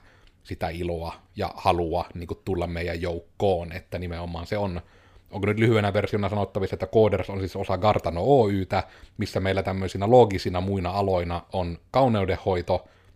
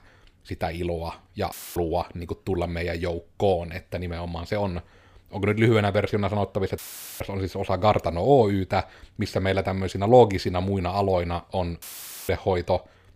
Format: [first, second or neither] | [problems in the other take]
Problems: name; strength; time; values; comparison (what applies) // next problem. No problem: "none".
first | audio cutting out; filled with static; at 1.5 s, at 7 s and at 12 s